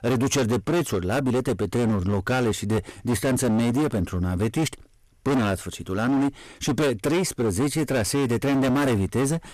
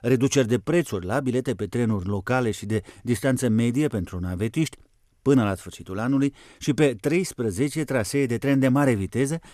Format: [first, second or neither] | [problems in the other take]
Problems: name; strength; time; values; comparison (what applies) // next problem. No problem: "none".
second | distortion; heavy; 24% of the sound clipped